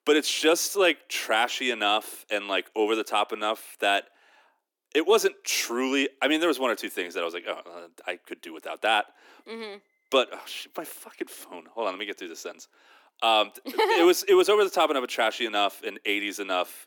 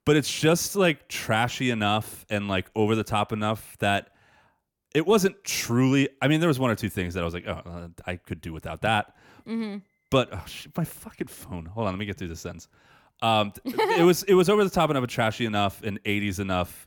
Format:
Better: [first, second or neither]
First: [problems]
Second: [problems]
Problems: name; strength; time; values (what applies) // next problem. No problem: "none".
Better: second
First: thin; somewhat; fading below 300 Hz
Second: none